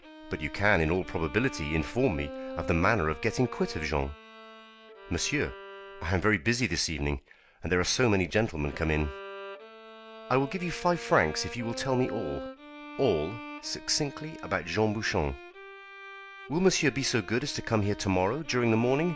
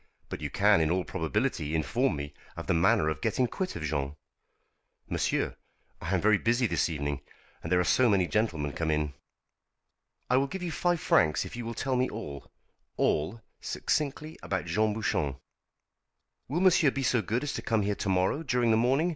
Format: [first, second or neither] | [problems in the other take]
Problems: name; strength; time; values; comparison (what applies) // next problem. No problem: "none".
second | background sound (Bowed string instrument); 14 dB below the speech